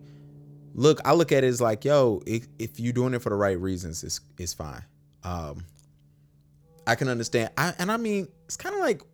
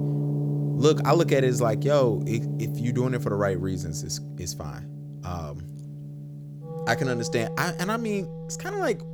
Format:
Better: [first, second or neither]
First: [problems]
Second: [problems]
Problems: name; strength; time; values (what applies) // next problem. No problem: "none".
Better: first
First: background music; faint; throughout; 30 dB below the speech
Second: background music; loud; throughout; 5 dB below the speech